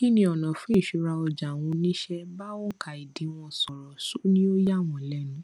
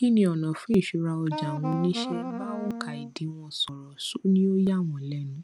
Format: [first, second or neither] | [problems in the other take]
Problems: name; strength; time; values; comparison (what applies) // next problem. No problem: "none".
first | background sound (Wind instrument, woodwind instrument); 7 dB below the speech